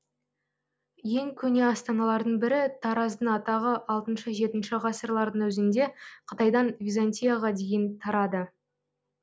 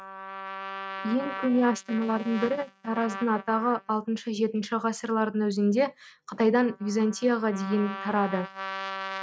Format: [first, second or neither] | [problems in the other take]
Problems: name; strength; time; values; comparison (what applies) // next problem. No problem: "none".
first | noise reduction (neural mask model RNNoise)